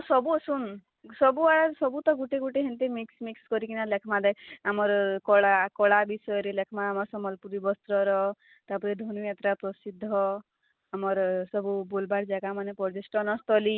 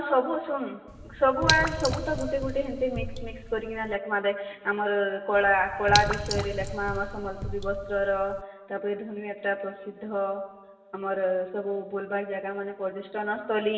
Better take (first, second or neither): first